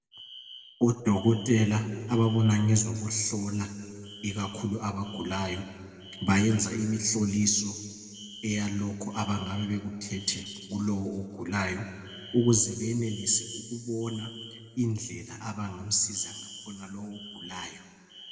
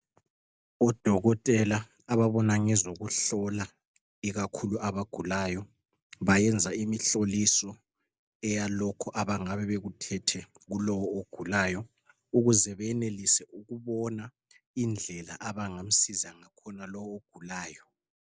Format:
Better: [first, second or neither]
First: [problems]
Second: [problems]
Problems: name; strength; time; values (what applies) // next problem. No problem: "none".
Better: second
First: background sound (Alarm); 20 dB below the speech // room echo; dies away in 1.9 s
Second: none